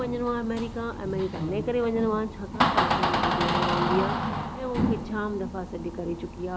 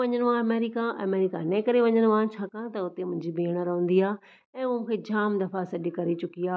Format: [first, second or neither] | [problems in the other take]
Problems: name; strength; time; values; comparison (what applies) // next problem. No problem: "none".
second | background sound (Door); 2 dB above the speech